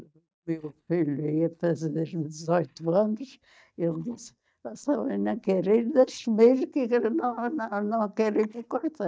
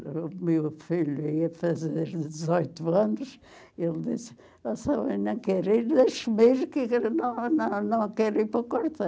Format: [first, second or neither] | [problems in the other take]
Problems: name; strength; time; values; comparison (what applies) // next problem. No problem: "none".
second | noise reduction (neural mask model DeepFilterNet 3)